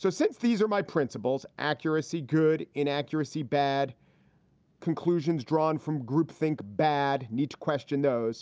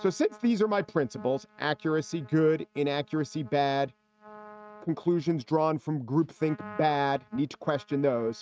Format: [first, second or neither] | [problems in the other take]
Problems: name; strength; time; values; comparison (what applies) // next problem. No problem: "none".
first | noise reduction (neural mask model RNNoise)